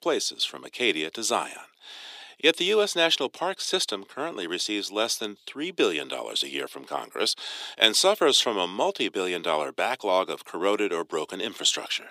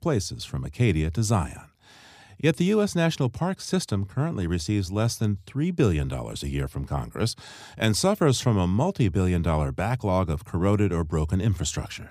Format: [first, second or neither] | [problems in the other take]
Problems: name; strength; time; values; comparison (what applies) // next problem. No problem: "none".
second | thin; very; fading below 350 Hz